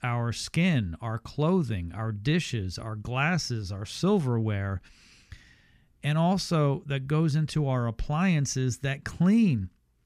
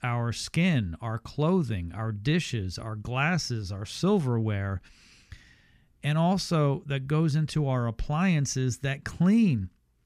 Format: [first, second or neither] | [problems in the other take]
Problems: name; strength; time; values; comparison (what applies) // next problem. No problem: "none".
neither | none